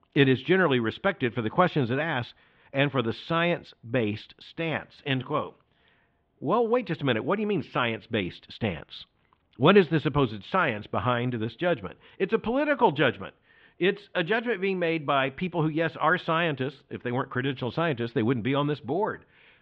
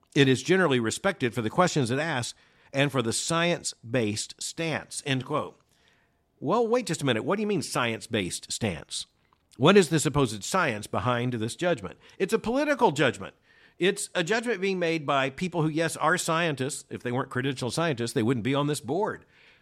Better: second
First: muffled; very; fading above 3.5 kHz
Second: none

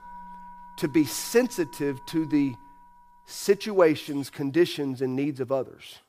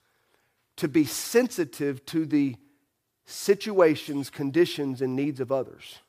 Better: second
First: background music; faint; throughout; 20 dB below the speech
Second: none

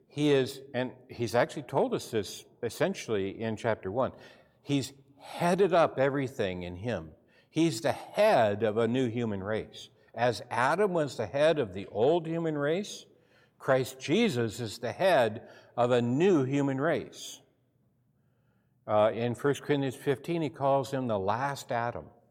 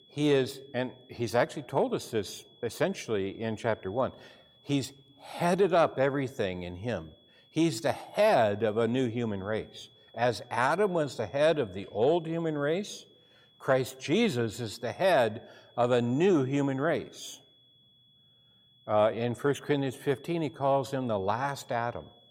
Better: first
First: none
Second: high-pitched whine; faint; throughout; 3.5 kHz, 30 dB below the speech

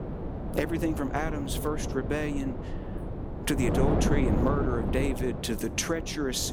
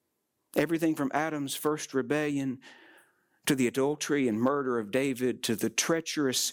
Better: second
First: wind noise on the microphone; heavy; 4 dB below the speech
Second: none

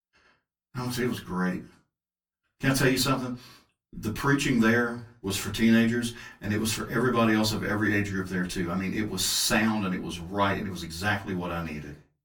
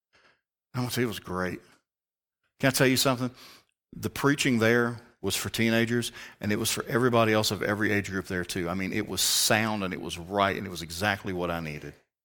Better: second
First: off-mic speech; far // room echo; very slight; dies away in 0.2 s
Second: none

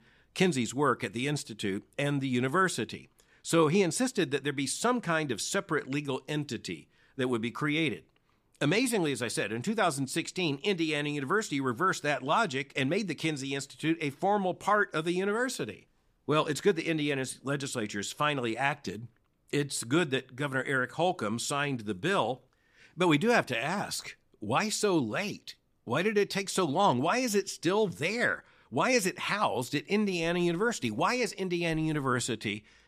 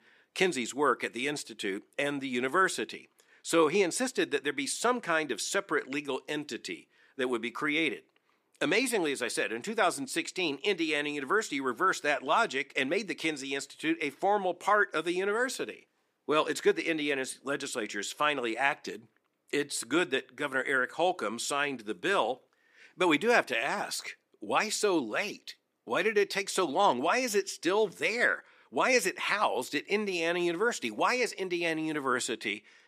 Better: first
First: none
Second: thin; very slightly; fading below 350 Hz

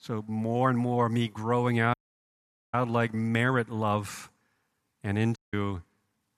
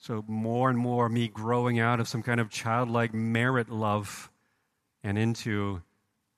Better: second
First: audio cutting out; at 2 s for 1 s and at 5.5 s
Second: none

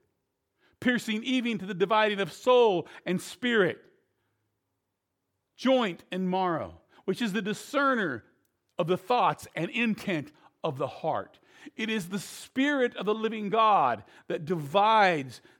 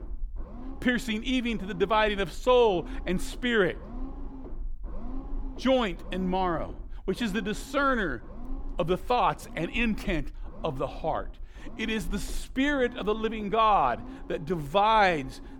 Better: first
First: none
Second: low rumble; faint; throughout; 25 dB below the speech

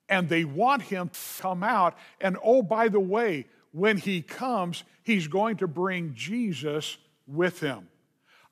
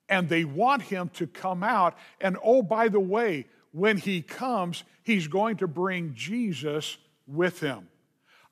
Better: second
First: audio cutting out; filled with static; at 1 s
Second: none

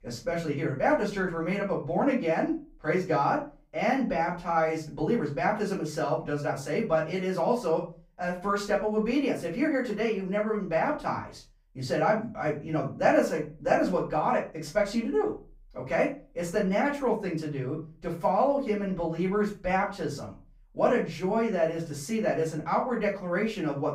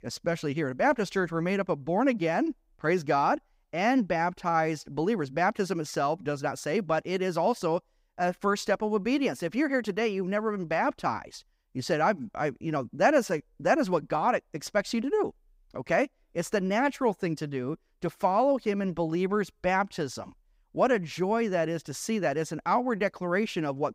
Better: second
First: off-mic speech; far // room echo; slight; dies away in 0.3 s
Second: none

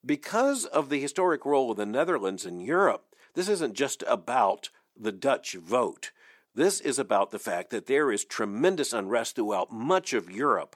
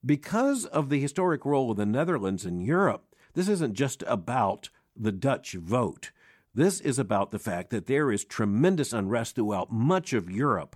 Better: second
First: thin; somewhat; fading below 400 Hz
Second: none

